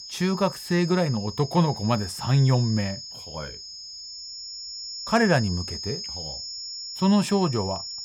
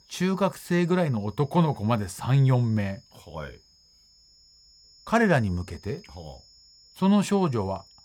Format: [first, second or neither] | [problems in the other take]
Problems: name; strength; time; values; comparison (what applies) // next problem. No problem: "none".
second | high-pitched whine; loud; throughout; 5.5 kHz, 10 dB below the speech; faint in the second